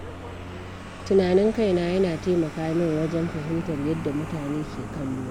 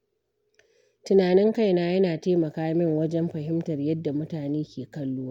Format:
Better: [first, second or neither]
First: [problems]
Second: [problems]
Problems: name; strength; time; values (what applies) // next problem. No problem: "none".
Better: second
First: background sound (Vehicle); 10 dB below the speech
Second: none